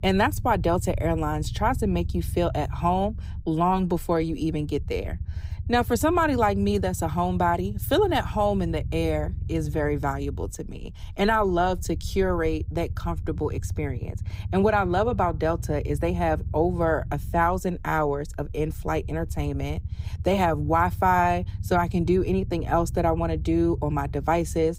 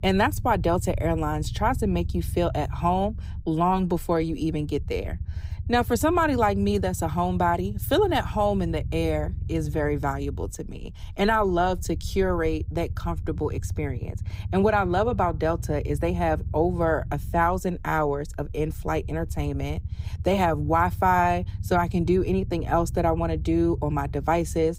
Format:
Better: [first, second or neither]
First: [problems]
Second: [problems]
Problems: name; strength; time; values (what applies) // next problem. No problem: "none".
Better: neither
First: low rumble; faint; throughout; 25 dB below the speech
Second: low rumble; faint; throughout; 25 dB below the speech